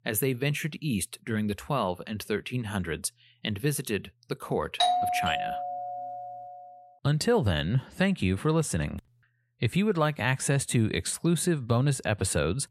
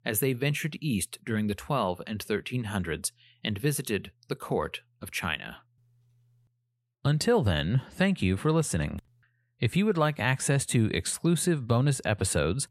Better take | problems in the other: second | doorbell; loud; from 5 to 6.5 s; peak 4 dB above the speech

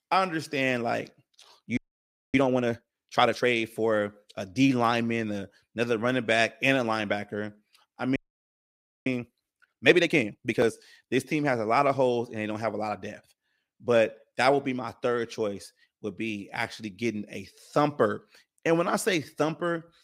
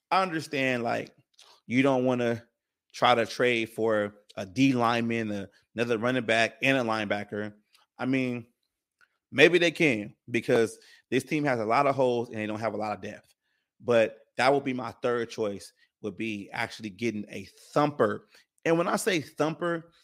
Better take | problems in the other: second | audio freezing; at 2 s for 0.5 s and at 8 s for 1 s

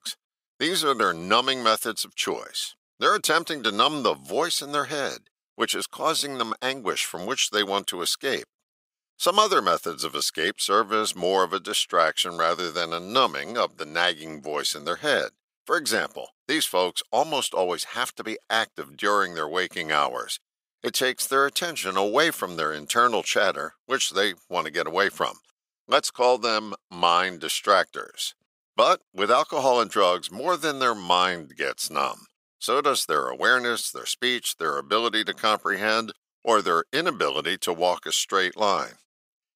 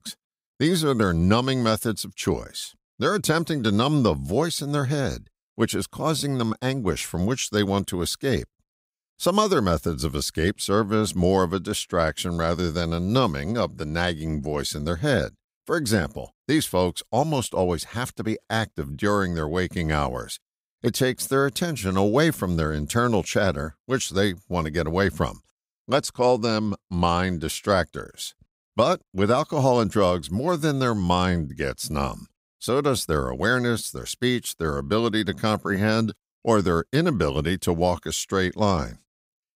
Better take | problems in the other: second | thin; very; fading below 500 Hz

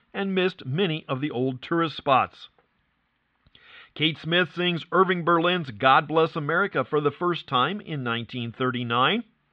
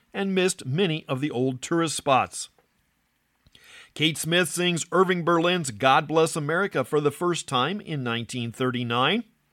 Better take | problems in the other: second | muffled; very; fading above 3.5 kHz

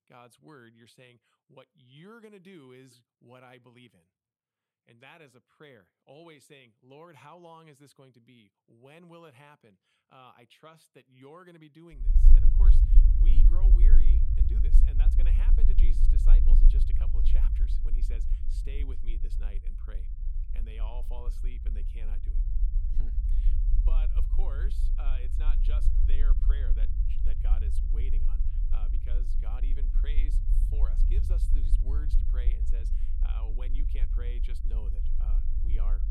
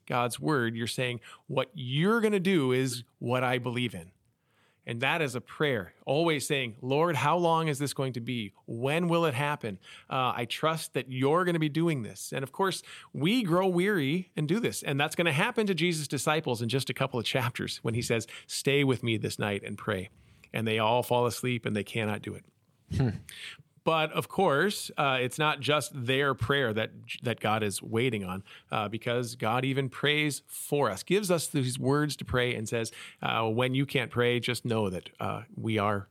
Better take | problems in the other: second | low rumble; loud; from 12 s on; 1 dB below the speech

